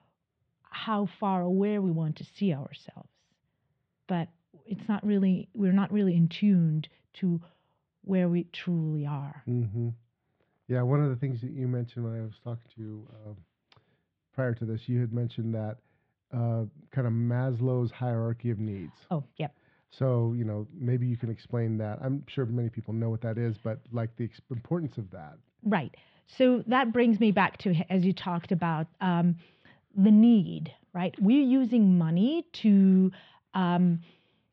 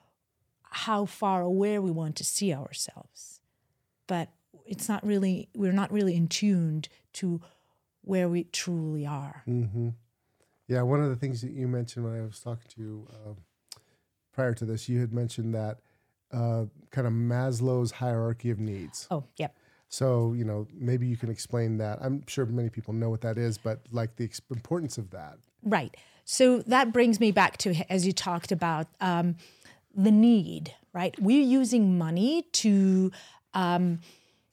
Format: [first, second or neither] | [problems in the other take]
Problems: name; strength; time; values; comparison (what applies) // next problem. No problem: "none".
second | muffled; very; fading above 3.5 kHz